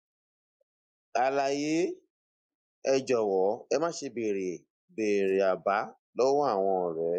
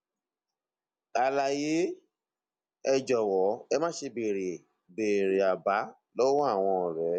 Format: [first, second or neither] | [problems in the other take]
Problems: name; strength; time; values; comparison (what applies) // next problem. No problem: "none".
second | noise reduction (neural mask model Resemble Enhance denoiser)